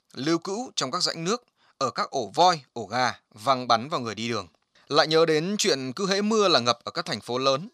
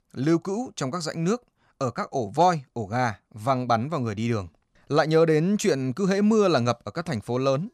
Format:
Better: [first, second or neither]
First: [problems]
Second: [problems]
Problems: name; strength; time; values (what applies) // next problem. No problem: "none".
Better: second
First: thin; very slightly; fading below 400 Hz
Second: none